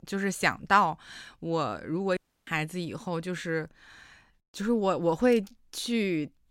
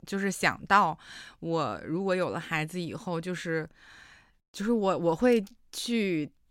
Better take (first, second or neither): second